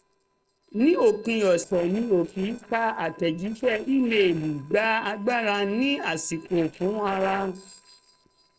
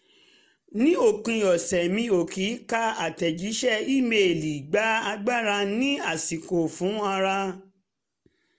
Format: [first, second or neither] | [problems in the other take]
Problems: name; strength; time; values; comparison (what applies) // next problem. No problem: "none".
second | noise reduction (neural separator model SepFormer DNS4)